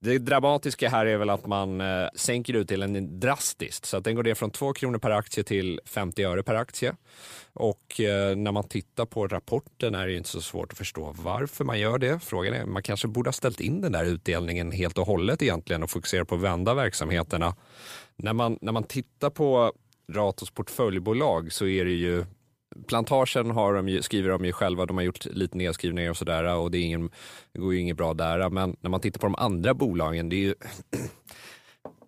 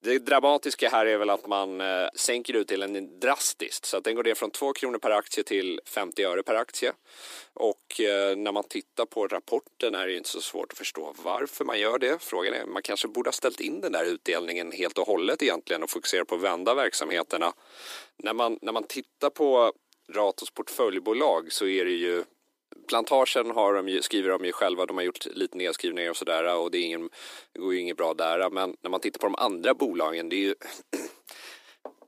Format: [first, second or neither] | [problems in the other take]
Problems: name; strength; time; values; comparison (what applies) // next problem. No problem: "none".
first | thin; somewhat; fading below 300 Hz